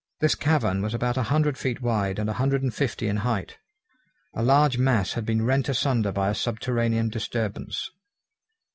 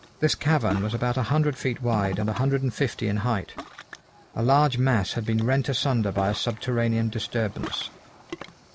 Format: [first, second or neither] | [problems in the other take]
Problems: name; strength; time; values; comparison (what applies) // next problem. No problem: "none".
first | background sound (Ocean); 16 dB below the speech